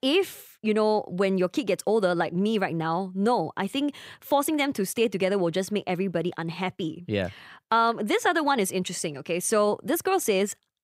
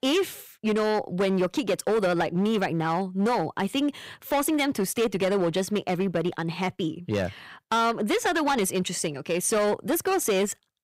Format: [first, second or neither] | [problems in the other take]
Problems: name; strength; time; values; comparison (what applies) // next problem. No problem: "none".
first | distortion; slight; 12% of the sound clipped